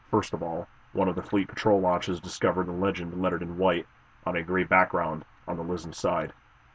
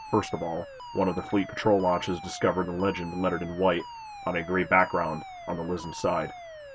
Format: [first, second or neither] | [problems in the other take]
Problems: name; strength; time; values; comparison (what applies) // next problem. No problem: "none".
first | background sound (Alarm); 14 dB below the speech